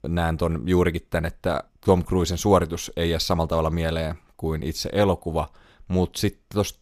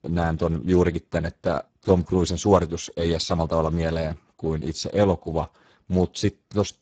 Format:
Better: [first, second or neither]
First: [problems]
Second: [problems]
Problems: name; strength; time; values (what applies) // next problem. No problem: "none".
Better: first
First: none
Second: garbled, watery; badly; nothing above 7.5 kHz